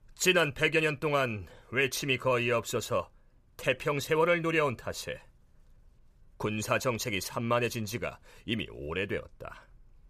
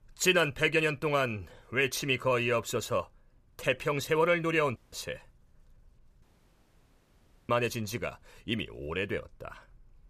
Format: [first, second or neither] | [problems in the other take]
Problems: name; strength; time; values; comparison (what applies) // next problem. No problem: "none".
first | audio cutting out; at 5 s and at 6 s for 1.5 s